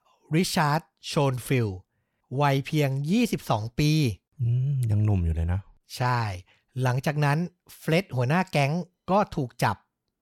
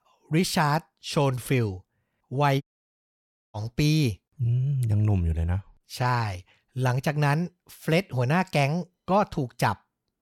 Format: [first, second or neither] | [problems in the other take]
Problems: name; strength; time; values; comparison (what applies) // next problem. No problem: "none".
first | audio cutting out; at 2.5 s for 1 s